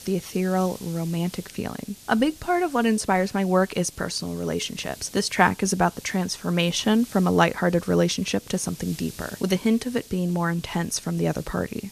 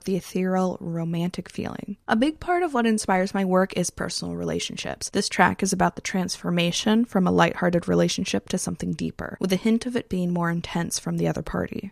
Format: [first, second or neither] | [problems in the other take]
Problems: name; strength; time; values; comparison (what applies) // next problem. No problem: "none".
second | hiss; noticeable; throughout; 20 dB below the speech